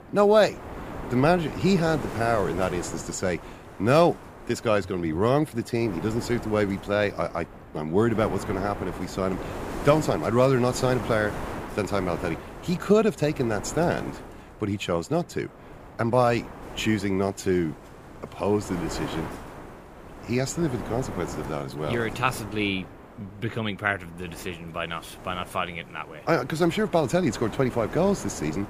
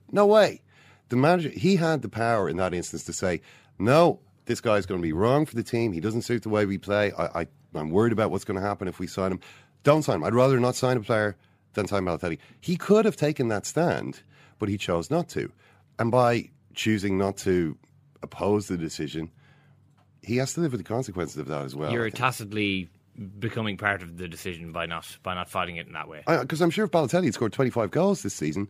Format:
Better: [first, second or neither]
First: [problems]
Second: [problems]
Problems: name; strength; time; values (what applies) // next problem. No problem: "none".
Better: second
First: wind noise on the microphone; occasional gusts; 15 dB below the speech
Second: none